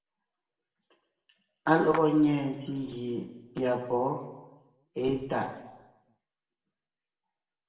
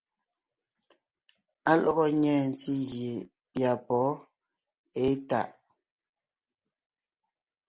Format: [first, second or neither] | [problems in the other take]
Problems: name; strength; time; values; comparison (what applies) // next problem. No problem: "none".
second | background sound (Clapping); 14 dB below the speech // room echo; dies away in 1 s